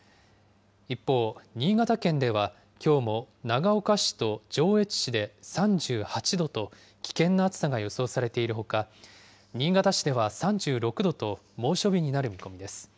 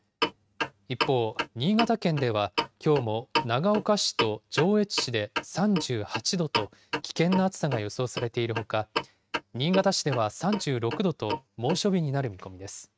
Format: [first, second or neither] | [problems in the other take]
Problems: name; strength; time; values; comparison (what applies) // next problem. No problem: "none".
first | noise reduction (neural mask model RNNoise)